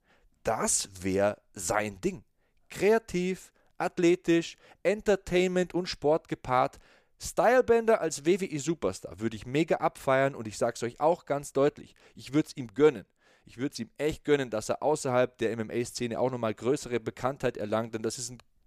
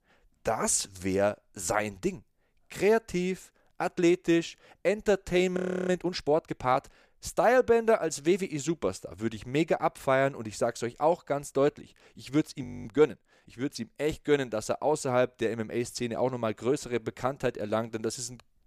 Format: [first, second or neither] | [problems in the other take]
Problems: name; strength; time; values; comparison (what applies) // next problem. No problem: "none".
first | audio freezing; at 5.5 s and at 13 s